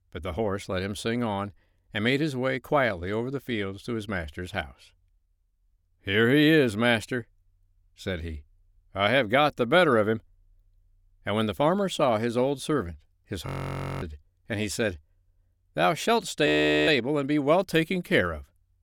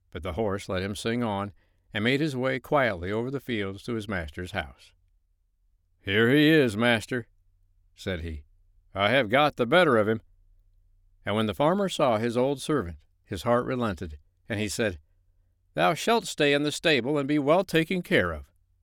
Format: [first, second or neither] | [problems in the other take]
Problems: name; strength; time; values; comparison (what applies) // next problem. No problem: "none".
second | audio freezing; at 13 s for 0.5 s and at 16 s